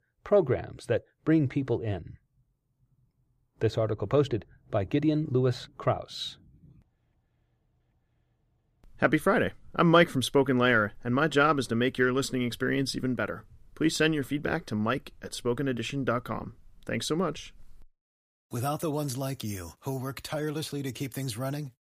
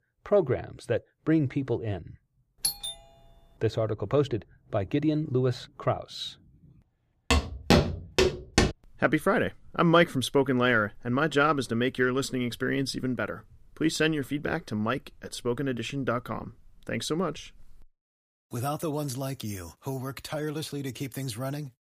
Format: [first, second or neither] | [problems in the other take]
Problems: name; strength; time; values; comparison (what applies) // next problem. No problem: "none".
first | doorbell; noticeable; at 2.5 s; peak 1 dB below the speech // footsteps; loud; from 7.5 to 8.5 s; peak 5 dB above the speech